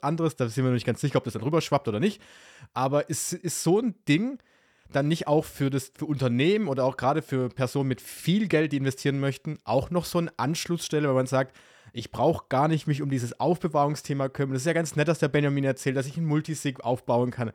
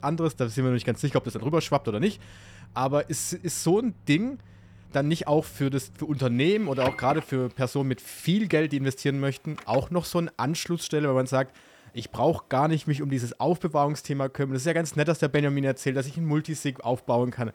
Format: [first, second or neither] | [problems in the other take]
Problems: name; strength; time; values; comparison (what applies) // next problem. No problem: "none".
first | household noises; noticeable; throughout; 20 dB below the speech